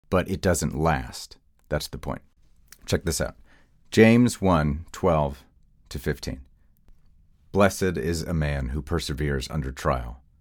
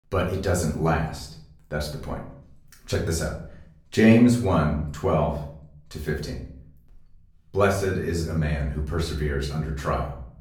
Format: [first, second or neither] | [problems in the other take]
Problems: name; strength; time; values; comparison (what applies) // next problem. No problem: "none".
first | off-mic speech; far // room echo; slight; dies away in 0.5 s